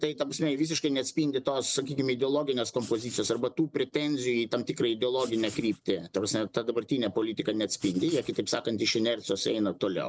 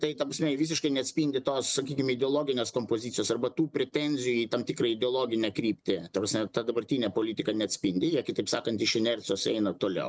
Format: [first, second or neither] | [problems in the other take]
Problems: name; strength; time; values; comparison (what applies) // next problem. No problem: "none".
second | noise reduction (neural separator model SepFormer DNS4)